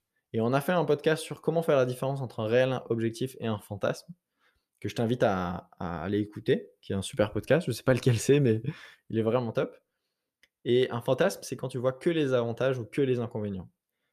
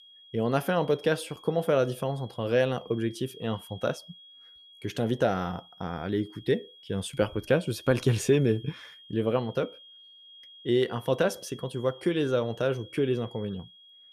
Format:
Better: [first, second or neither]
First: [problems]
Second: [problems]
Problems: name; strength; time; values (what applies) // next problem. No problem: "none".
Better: first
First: none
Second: high-pitched whine; faint; throughout; 3.5 kHz, 20 dB below the speech